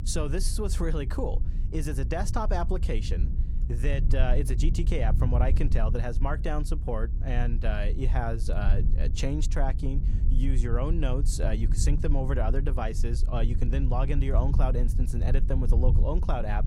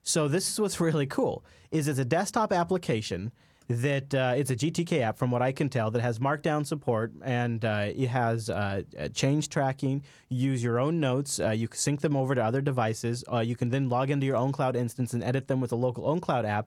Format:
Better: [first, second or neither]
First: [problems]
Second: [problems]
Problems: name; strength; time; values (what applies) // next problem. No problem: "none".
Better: second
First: low rumble; noticeable; throughout; 10 dB below the speech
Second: none